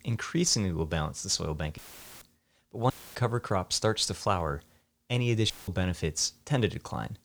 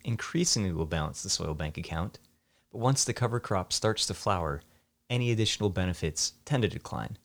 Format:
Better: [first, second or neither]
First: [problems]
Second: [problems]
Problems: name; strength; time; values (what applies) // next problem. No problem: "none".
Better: second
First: audio cutting out; filled with static; at 2 s, at 3 s and at 5.5 s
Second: none